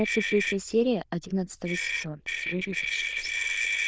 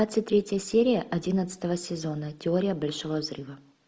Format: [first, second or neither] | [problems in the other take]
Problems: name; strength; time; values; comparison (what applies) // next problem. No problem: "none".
second | noise reduction (neural diffusion model UNIVERSE++)